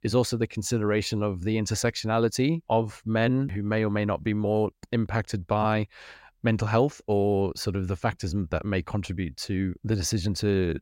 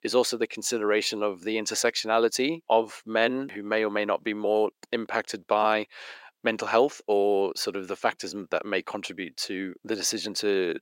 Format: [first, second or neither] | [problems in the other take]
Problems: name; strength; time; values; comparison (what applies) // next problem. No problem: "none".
first | thin; somewhat; fading below 350 Hz